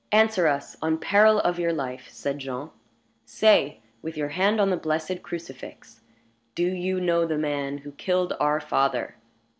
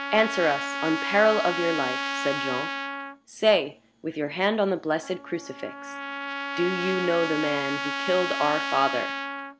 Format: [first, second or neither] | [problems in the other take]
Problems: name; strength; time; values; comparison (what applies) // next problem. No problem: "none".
first | background sound (Trumpet); 5 dB below the speech